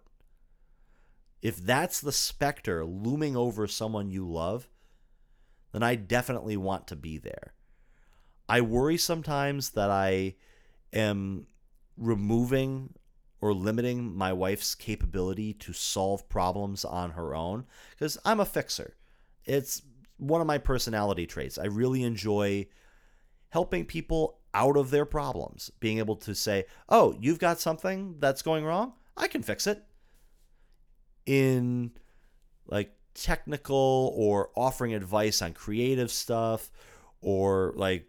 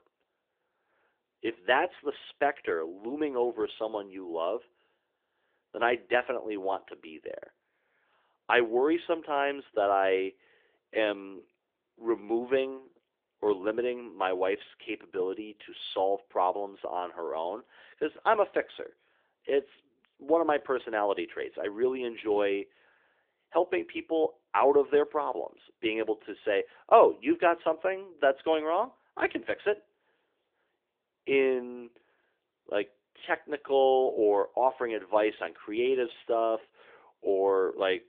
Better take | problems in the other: first | phone-call audio

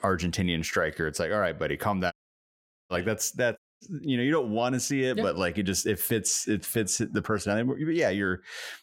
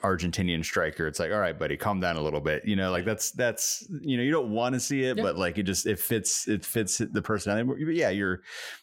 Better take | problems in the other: second | audio cutting out; at 2 s for 1 s and at 3.5 s

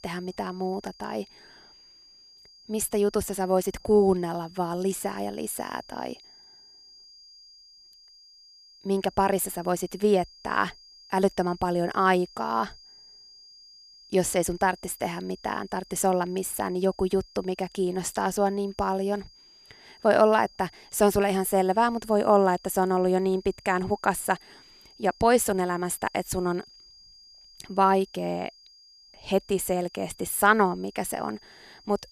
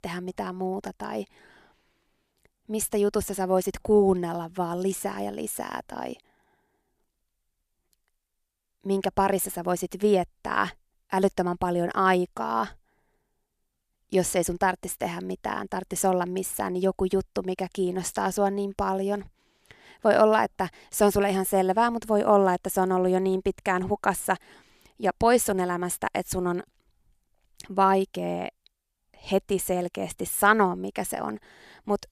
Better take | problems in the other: second | high-pitched whine; faint; throughout; 5 kHz, 25 dB below the speech

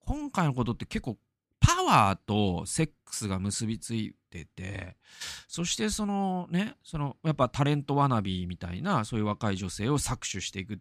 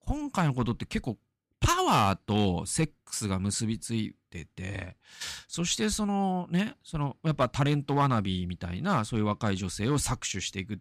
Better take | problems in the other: first | distortion; slight; 1.8% of the sound clipped

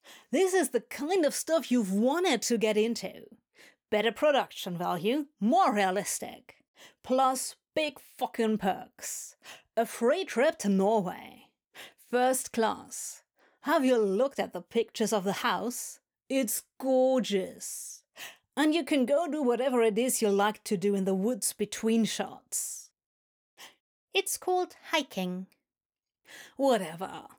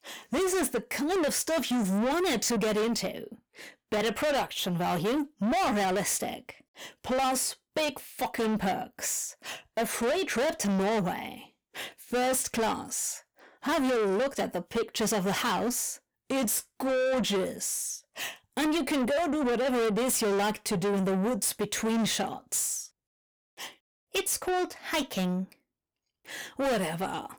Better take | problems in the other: first | distortion; heavy; 6 dB below the speech

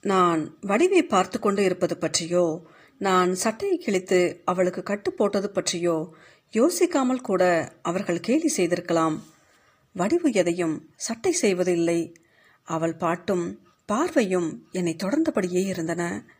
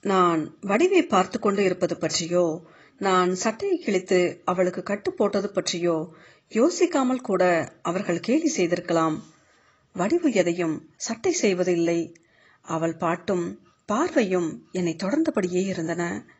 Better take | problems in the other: first | garbled, watery; badly; nothing above 7.5 kHz; slightly in the first

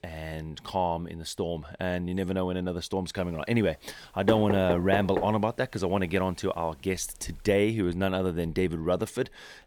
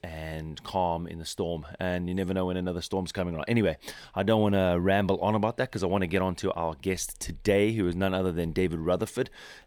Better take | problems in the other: second | door banging; noticeable; at 4.5 s; peak 2 dB below the speech

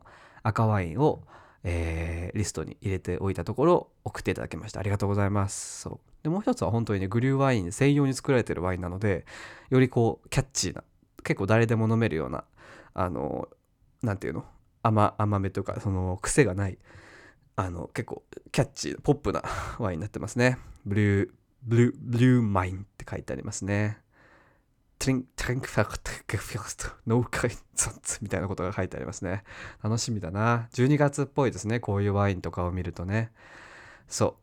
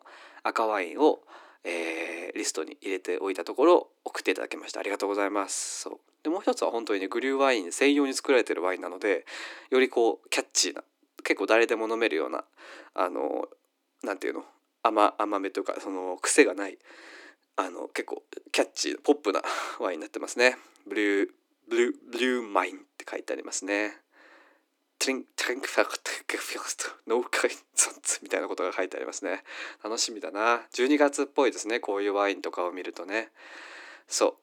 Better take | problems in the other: first | thin; somewhat; fading below 300 Hz

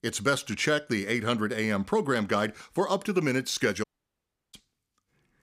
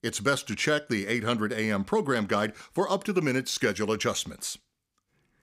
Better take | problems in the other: second | audio cutting out; at 4 s for 0.5 s

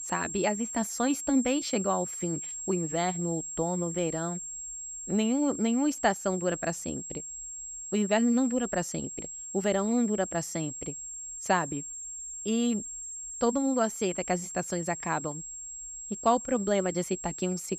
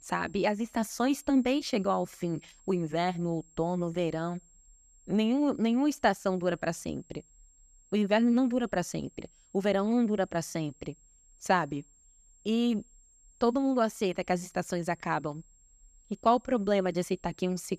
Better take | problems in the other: second | high-pitched whine; loud; throughout; 7.5 kHz, 7 dB below the speech; faint in the second

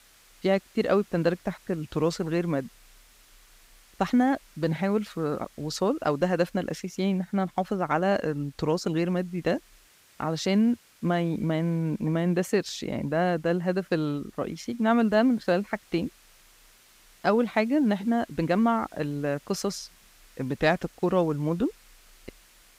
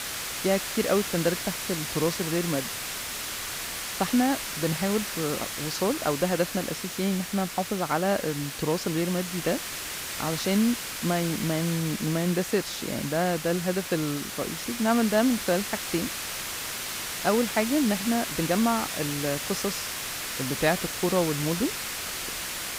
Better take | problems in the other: first | hiss; loud; throughout; 4 dB below the speech; faint in the first

